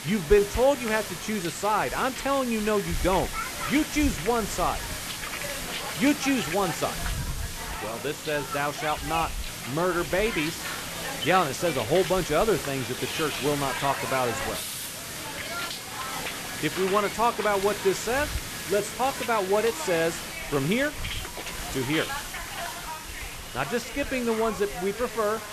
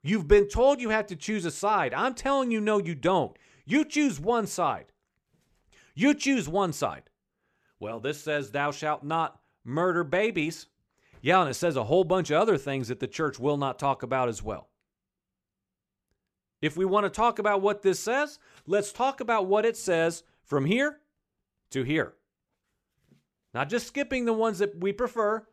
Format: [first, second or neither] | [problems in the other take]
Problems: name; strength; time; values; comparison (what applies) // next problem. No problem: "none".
second | hiss; loud; throughout; 5 dB below the speech